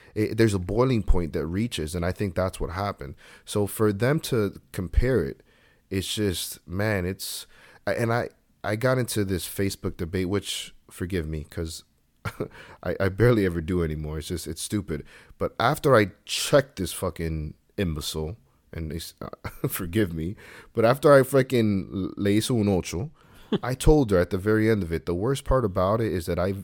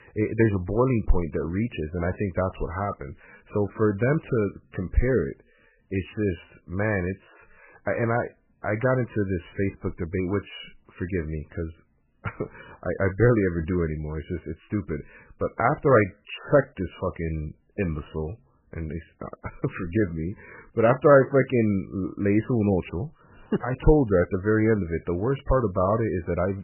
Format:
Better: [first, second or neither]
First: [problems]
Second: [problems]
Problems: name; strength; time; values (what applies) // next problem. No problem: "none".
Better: first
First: none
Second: garbled, watery; badly; nothing above 3 kHz